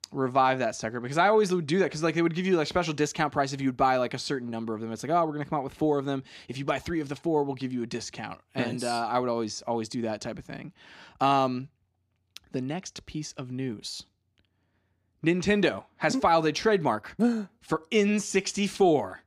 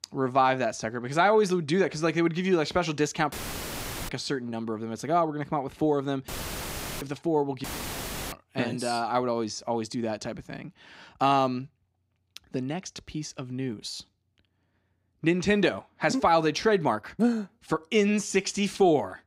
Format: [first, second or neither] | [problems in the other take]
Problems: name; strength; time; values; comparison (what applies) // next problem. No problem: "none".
first | audio cutting out; filled with static; at 3.5 s for 1 s, at 6.5 s for 0.5 s and at 7.5 s for 0.5 s